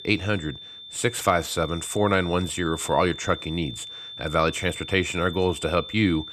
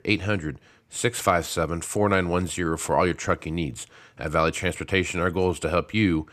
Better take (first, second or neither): second